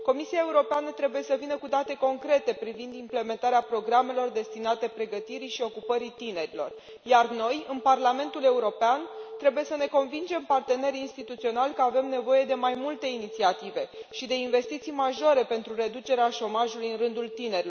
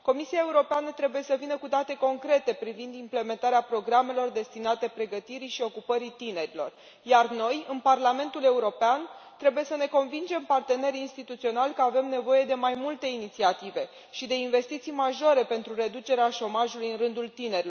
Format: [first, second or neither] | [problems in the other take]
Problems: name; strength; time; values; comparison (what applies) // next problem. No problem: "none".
second | background sound (Telephone); 16 dB below the speech